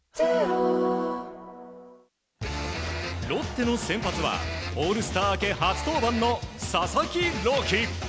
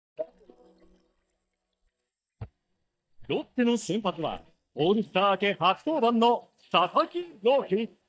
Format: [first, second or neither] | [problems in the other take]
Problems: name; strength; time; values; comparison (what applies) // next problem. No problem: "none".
first | noise reduction (neural mask model DeepFilterNet 3)